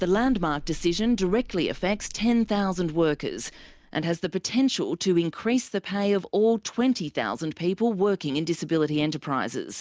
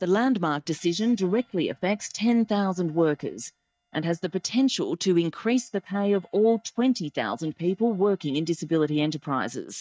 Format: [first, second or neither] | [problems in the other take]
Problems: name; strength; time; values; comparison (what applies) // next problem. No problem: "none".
first | noise reduction (neural mask model DeepFilterNet 3)